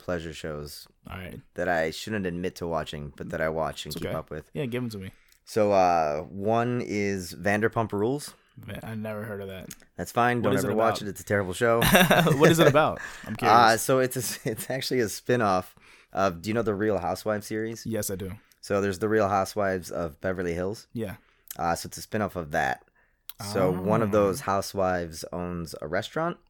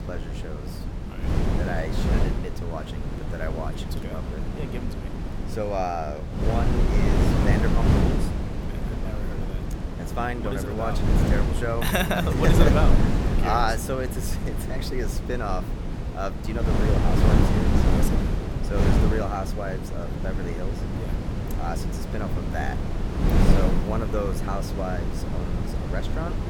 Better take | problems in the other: first | wind noise on the microphone; heavy; 2 dB below the speech

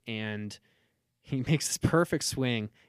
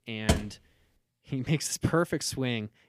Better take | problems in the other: first | door banging; loud; at 0.5 s; peak 1 dB above the speech

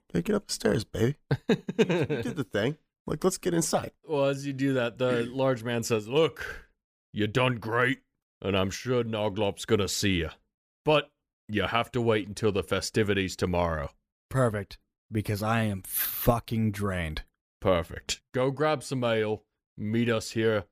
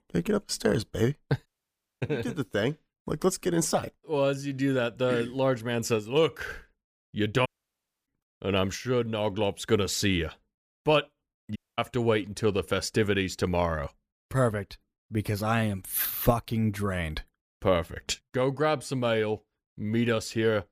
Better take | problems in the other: first | audio cutting out; at 1.5 s for 0.5 s, at 7.5 s for 0.5 s and at 12 s

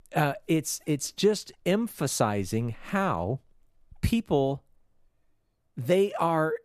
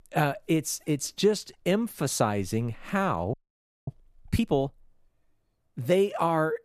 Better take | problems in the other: first | audio freezing; at 3.5 s for 0.5 s

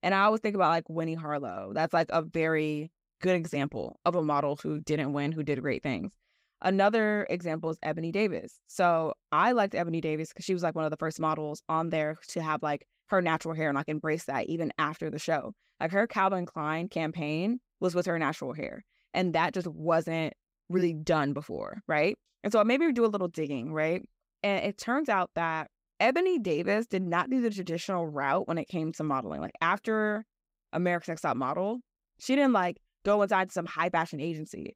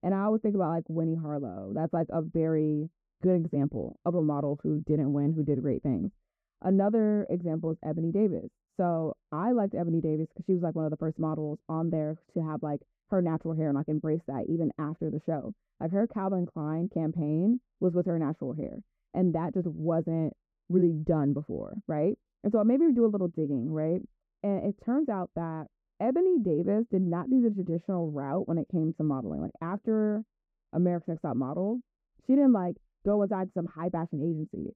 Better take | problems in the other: first | muffled; very; fading above 1 kHz

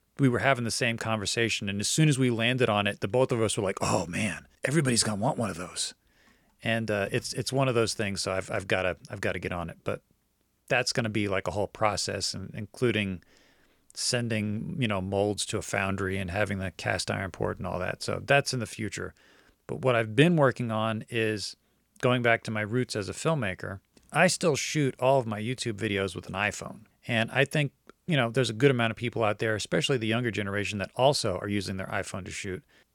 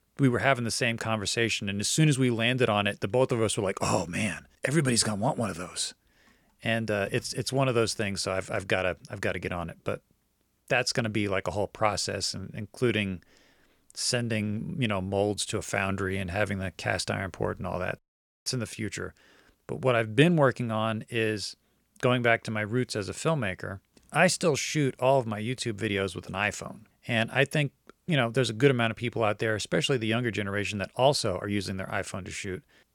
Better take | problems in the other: first | audio cutting out; at 18 s

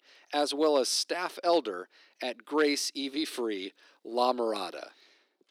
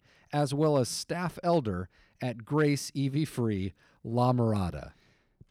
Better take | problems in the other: second | thin; somewhat; fading below 300 Hz

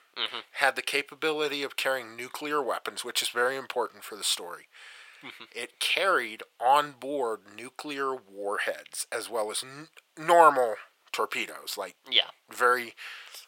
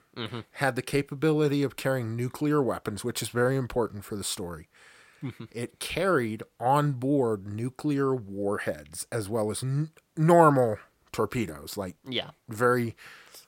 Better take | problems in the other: second | thin; very; fading below 700 Hz

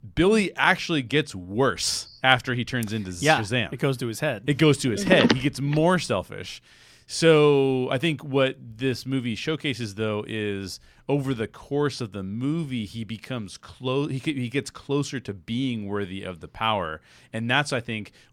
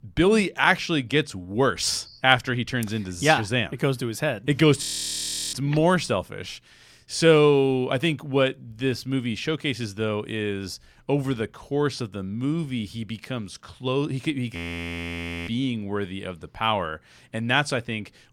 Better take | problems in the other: first | audio freezing; at 5 s for 0.5 s and at 15 s for 1 s

